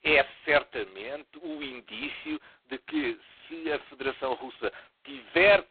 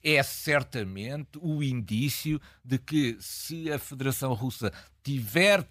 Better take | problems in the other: second | phone-call audio; poor line; nothing above 4 kHz

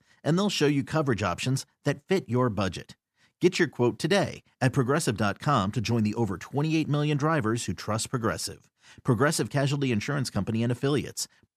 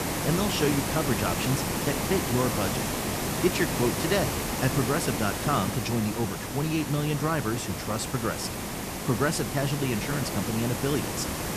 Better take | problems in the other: first | hiss; loud; throughout; 1 dB below the speech

